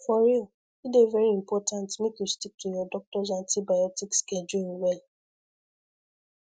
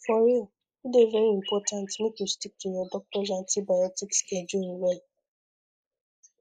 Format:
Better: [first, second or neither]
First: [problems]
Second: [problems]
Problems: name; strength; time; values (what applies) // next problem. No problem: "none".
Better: first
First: none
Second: noise reduction (neural mask model Resemble Enhance denoiser)